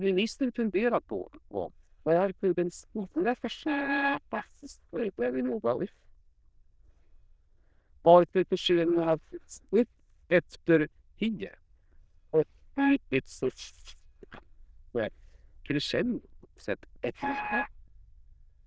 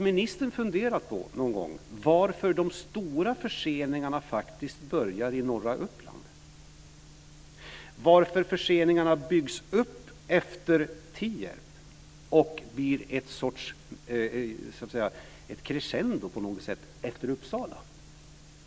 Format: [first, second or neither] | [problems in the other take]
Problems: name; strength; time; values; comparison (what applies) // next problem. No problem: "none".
second | noise reduction (neural diffusion model UNIVERSE++)